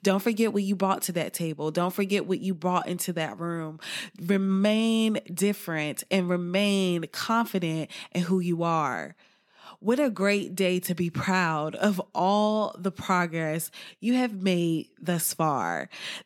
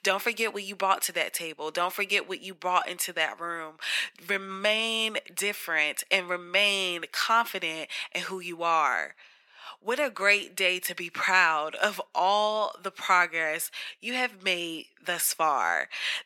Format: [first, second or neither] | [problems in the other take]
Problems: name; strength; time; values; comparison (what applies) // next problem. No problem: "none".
first | thin; very; fading below 600 Hz